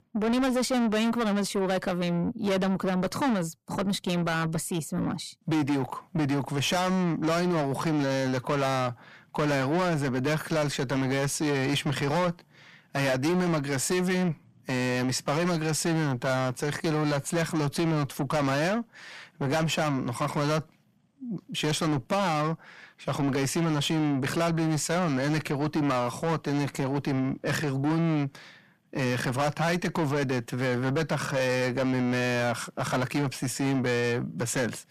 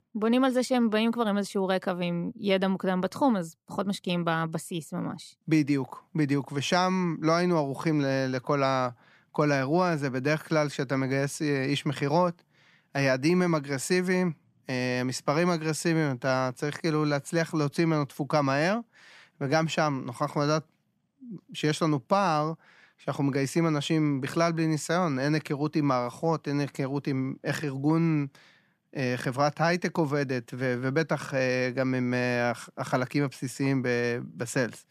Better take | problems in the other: second | distortion; heavy; 7 dB below the speech

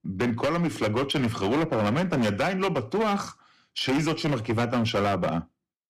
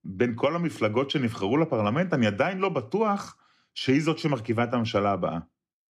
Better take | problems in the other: second | distortion; heavy; 20% of the sound clipped

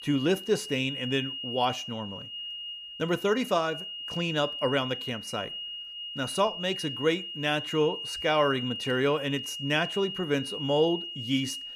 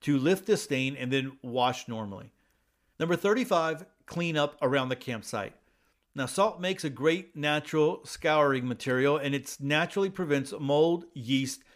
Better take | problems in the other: second | high-pitched whine; loud; throughout; 3 kHz, 6 dB below the speech

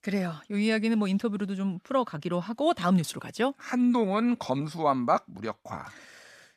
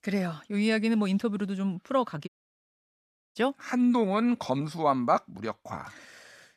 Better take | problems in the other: first | audio cutting out; at 2.5 s for 1 s

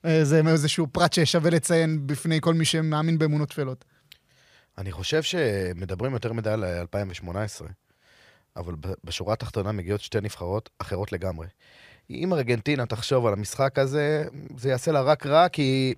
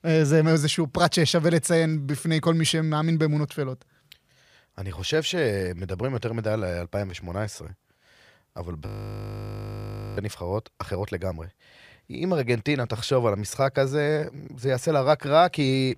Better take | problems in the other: first | audio freezing; at 9 s for 1.5 s

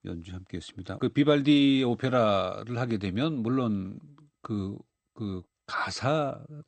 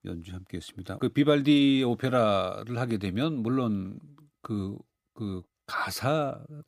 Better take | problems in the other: second | garbled, watery; slightly; nothing above 8.5 kHz

